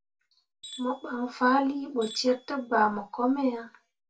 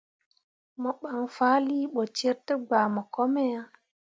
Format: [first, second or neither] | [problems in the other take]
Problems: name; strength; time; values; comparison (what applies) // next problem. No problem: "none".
second | background sound (Tools); 18 dB below the speech // room echo; dies away in 0.2 s